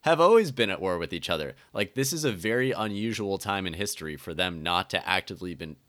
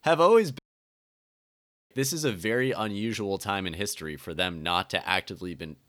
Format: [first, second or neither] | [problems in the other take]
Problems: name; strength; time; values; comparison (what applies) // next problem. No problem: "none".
first | audio cutting out; at 0.5 s for 1.5 s